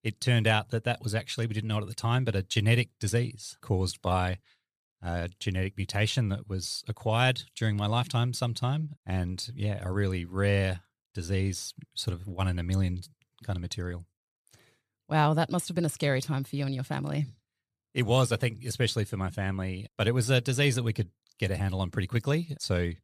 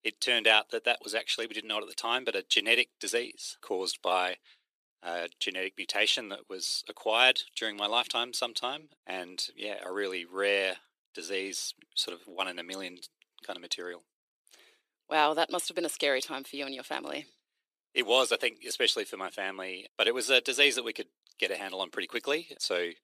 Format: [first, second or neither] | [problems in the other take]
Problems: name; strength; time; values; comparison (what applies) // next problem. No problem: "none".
first | thin; very; fading below 300 Hz